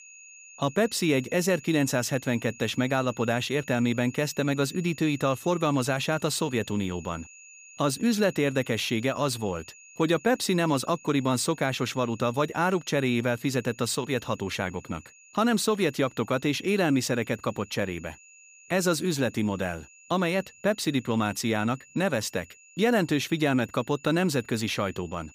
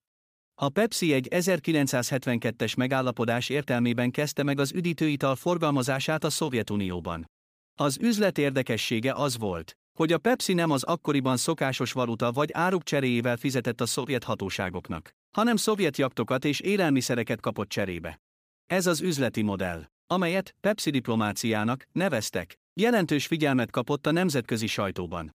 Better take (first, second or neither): second